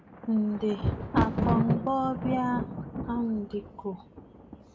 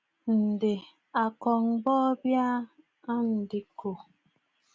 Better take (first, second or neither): second